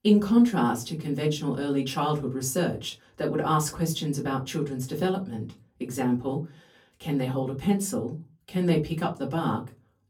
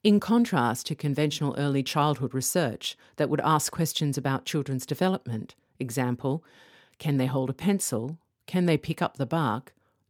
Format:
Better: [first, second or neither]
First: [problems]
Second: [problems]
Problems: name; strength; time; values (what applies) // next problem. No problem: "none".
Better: second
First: off-mic speech; far // room echo; very slight; dies away in 0.2 s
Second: none